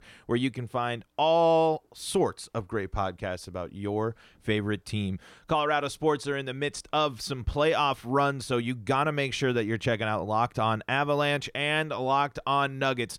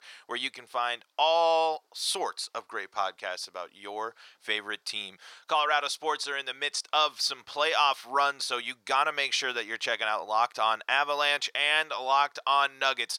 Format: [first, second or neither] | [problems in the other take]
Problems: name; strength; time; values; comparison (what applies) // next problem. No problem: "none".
first | thin; very; fading below 900 Hz